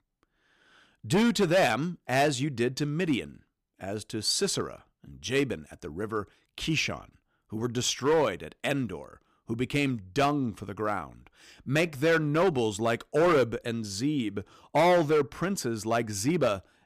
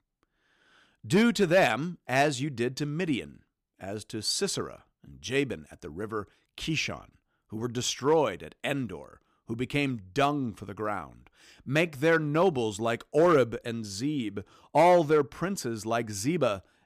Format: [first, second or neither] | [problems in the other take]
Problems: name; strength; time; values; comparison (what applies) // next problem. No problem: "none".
second | distortion; slight; 5% of the sound clipped